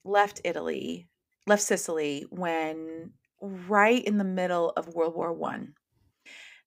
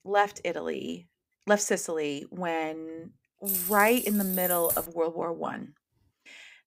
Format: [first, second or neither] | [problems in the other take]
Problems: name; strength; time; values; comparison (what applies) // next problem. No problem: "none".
first | jangling keys; loud; from 3.5 to 5 s; peak 2 dB above the speech